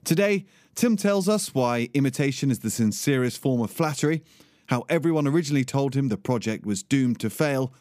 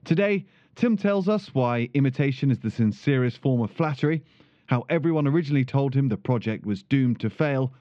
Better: first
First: none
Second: muffled; slightly; fading above 3.5 kHz

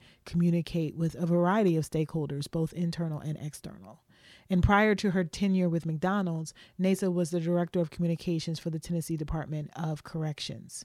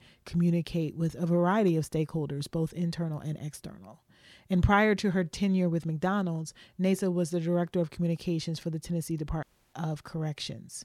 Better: first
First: none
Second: audio cutting out; at 9.5 s

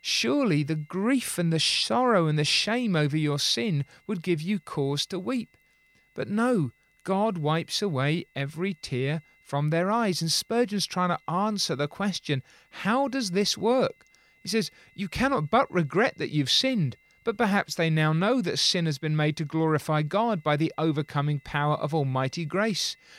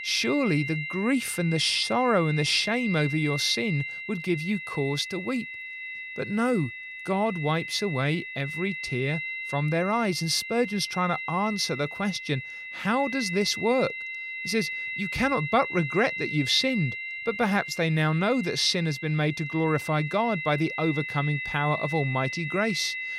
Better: first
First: high-pitched whine; faint; throughout; 2 kHz, 35 dB below the speech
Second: high-pitched whine; loud; throughout; 2 kHz, 6 dB below the speech

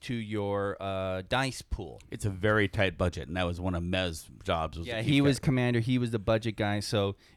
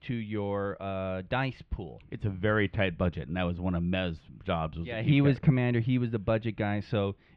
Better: first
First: none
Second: muffled; very; fading above 3 kHz

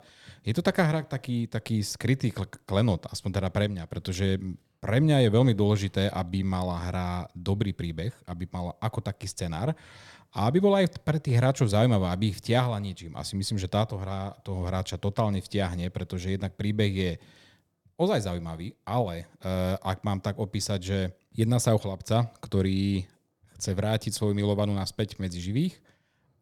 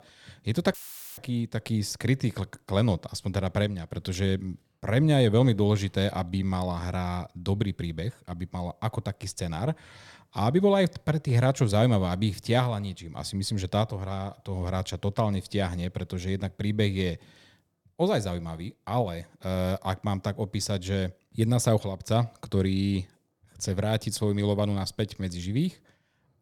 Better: first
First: none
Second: audio cutting out; filled with static; at 0.5 s

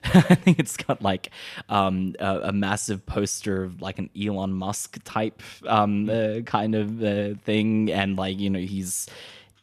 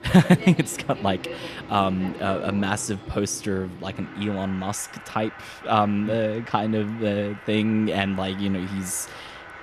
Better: first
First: none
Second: train or aircraft noise; noticeable; throughout; 15 dB below the speech

